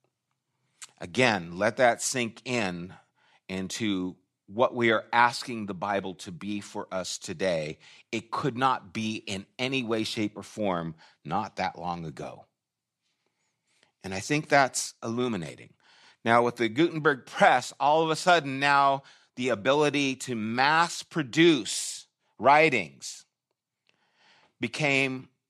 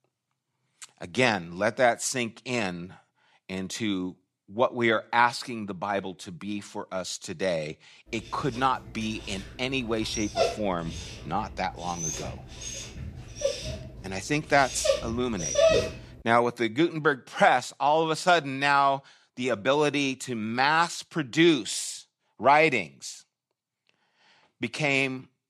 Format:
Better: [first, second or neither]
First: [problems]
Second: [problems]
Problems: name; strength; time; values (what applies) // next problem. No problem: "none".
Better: first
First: none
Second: dog barking; loud; from 10 to 16 s; peak 5 dB above the speech